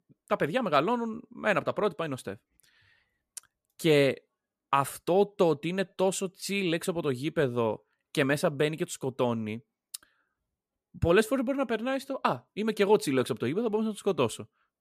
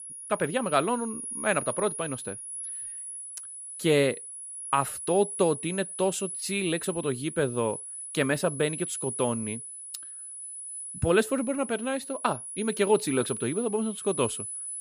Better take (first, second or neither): first